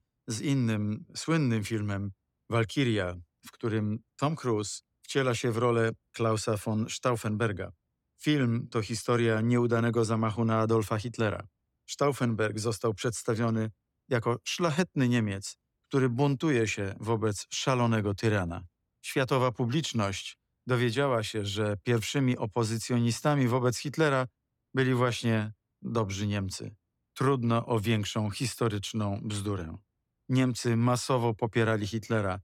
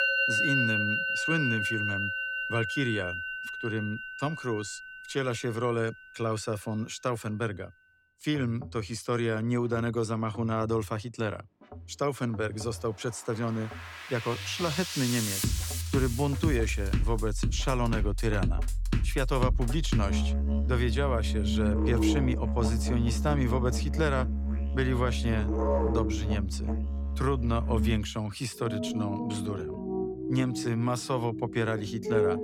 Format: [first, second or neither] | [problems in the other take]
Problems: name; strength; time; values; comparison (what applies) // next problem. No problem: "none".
first | background music; very loud; throughout; 1 dB above the speech